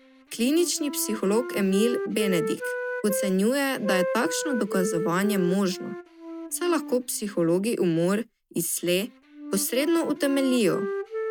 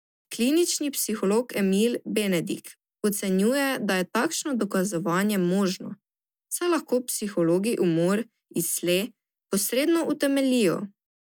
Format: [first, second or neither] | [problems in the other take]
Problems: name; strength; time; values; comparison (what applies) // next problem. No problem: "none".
second | background sound (Wind instrument, woodwind instrument); 7 dB below the speech